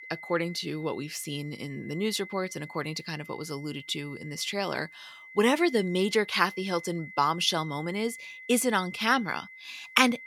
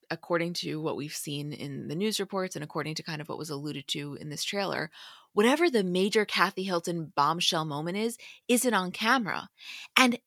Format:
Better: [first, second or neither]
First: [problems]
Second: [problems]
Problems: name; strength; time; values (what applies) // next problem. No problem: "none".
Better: second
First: high-pitched whine; noticeable; throughout; 2 kHz, 15 dB below the speech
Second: none